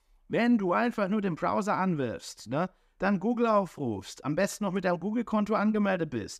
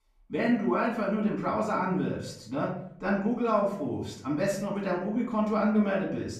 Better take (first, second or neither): first